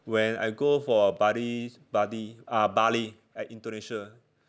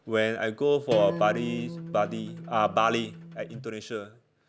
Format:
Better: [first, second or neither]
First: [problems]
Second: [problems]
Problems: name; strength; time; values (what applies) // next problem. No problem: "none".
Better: first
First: none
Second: background sound (Acoustic guitar); 10 dB below the speech